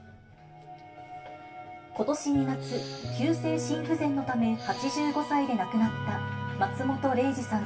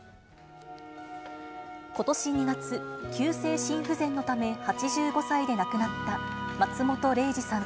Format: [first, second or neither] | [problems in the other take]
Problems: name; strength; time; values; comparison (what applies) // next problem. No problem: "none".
second | background sound (Respiratory sounds); 18 dB below the speech // room echo; dies away in 0.2 s